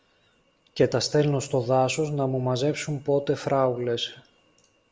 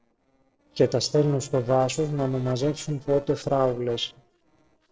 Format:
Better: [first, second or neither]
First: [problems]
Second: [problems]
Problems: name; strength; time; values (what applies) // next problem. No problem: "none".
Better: first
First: none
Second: noise reduction (neural separator model SepFormer DNS4)